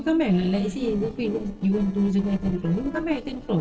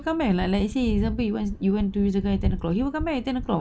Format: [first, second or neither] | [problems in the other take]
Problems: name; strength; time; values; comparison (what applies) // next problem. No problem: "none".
second | noise reduction (neural separator model SepFormer DNS4)